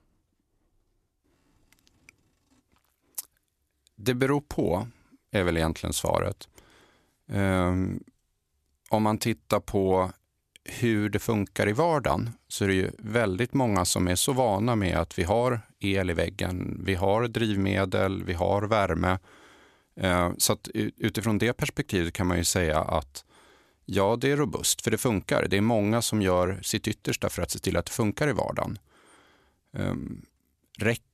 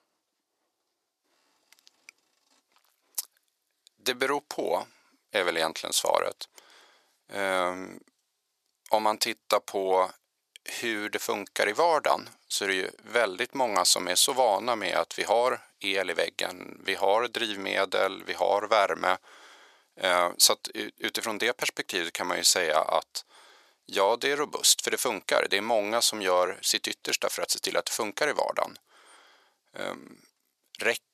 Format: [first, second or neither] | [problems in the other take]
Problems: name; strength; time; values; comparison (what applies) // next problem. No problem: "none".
first | thin; very; fading below 600 Hz